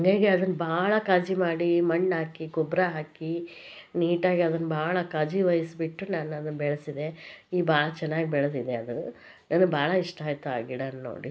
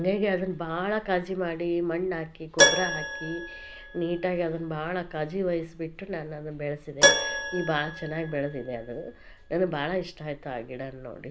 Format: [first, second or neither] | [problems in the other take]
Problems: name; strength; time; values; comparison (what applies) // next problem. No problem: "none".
first | background sound (Keyboard (musical)); 1 dB below the speech